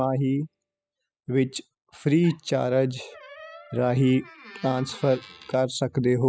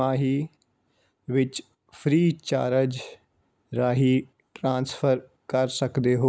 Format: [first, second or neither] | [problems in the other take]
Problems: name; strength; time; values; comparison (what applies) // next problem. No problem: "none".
second | noise reduction (classical method spectral subtraction)